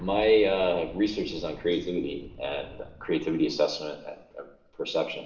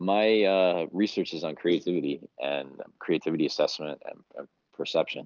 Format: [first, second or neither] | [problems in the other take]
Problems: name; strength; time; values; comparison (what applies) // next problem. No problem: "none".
second | background sound (Boom); 20 dB below the speech // room echo; dies away in 0.7 s